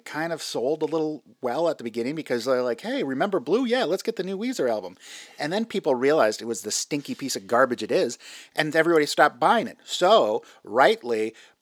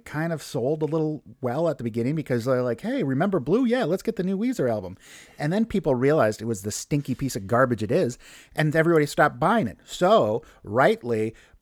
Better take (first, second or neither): second